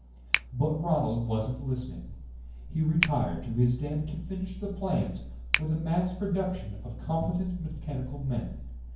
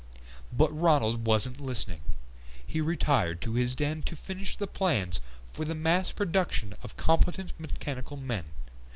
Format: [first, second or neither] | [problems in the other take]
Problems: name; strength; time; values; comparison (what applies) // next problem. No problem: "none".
second | background sound (Finger snapping); 8 dB below the speech // room echo; dies away in 0.9 s